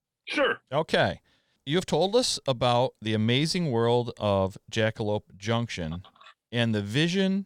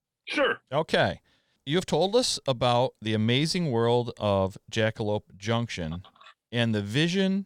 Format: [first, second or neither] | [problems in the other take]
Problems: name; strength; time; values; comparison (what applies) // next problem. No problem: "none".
neither | none